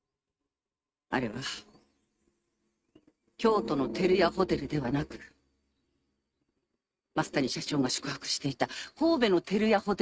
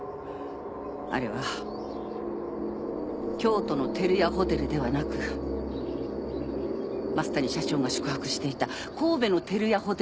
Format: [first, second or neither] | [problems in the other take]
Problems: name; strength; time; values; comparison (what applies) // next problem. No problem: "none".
second | noise reduction (neural mask model RNNoise)